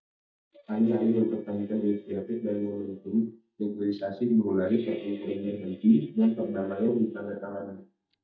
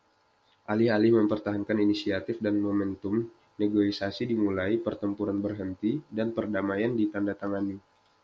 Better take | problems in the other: second | noise reduction (neural mask model DeepFilterNet 3)

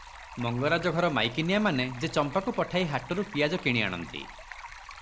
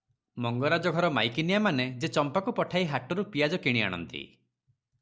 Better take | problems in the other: second | background sound (Stream); 15 dB below the speech

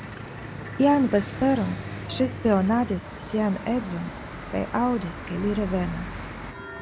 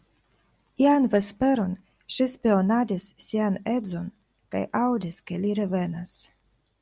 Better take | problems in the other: second | background sound (Church bell / Traffic noise, roadway noise); 10 dB below the speech

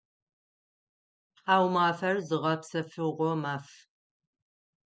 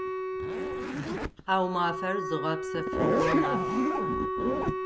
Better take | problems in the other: first | background sound (Wind instrument, woodwind instrument + Zipper (clothing)); 4 dB above the speech

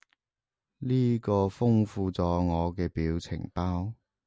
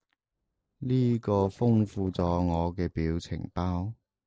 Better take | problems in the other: first | noise reduction (neural separator model SepFormer DNS4)

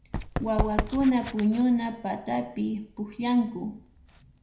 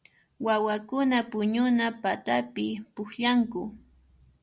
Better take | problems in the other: second | background sound (Run); 8 dB below the speech // room echo; dies away in 0.5 s

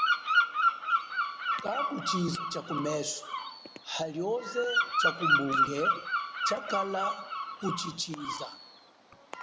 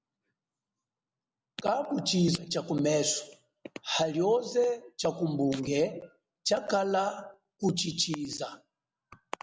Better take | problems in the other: second | background sound (Bird vocalization, bird call, bird song); 5 dB above the speech

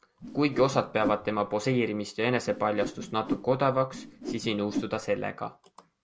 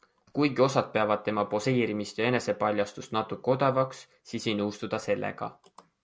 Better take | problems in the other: second | background sound (Whoosh, swoosh, swish); 9 dB below the speech

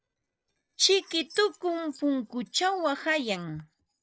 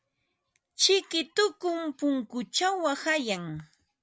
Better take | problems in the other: second | noise reduction (neural separator model SepFormer DNS4)

